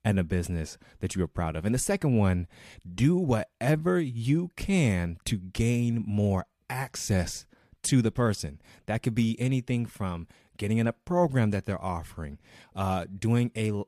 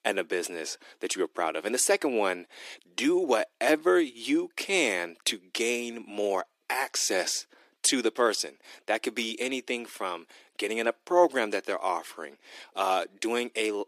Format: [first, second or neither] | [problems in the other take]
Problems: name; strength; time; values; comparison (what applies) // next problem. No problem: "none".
first | thin; very; fading below 300 Hz